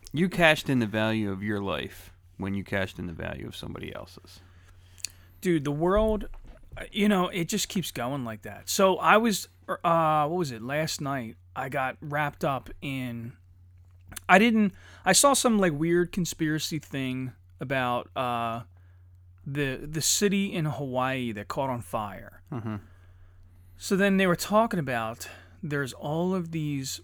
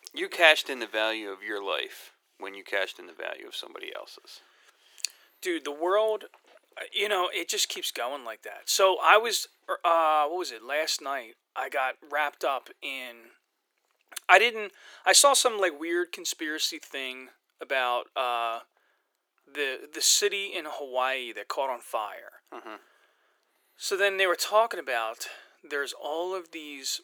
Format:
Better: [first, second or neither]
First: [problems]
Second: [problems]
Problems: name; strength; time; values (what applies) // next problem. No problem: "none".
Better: first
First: none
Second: thin; very; fading below 350 Hz